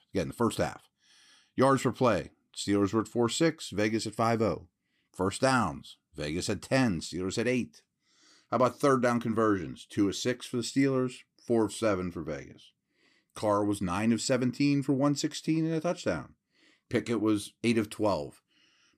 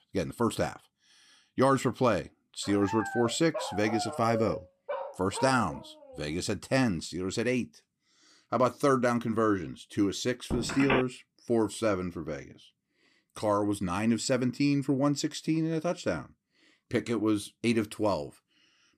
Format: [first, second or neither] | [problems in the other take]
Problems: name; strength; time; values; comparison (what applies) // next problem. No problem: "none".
first | dog barking; noticeable; from 2.5 to 6.5 s; peak 5 dB below the speech // phone ringing; noticeable; at 11 s; peak level with the speech